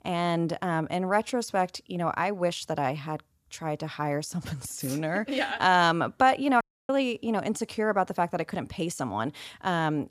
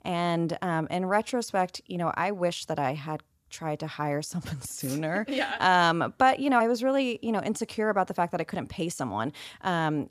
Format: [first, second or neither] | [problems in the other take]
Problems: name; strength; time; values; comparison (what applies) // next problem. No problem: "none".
second | audio cutting out; at 6.5 s